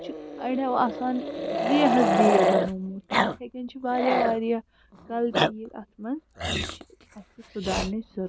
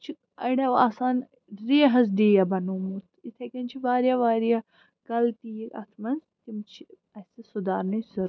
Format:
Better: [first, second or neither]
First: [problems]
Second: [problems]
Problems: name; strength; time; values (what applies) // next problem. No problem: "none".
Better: second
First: background sound (Growling); as loud as the speech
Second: none